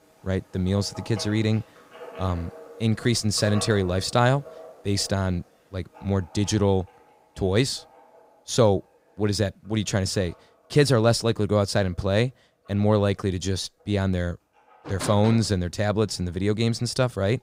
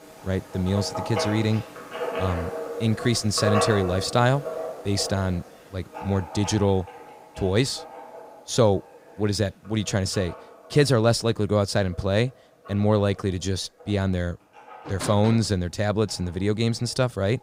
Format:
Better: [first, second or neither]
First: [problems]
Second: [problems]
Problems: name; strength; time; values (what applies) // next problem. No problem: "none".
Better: first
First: household noises; faint; throughout; 20 dB below the speech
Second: household noises; loud; throughout; 9 dB below the speech